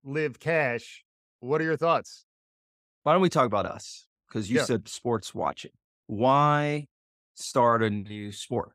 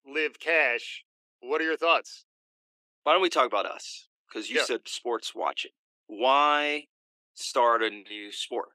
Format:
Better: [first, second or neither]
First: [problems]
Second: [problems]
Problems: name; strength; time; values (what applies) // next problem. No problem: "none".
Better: first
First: none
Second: thin; somewhat; fading below 300 Hz